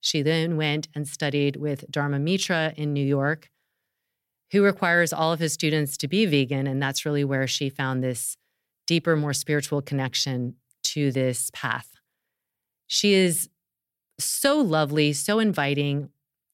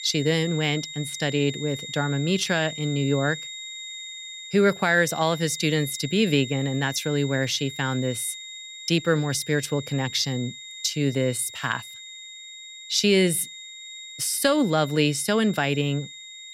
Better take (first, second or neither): first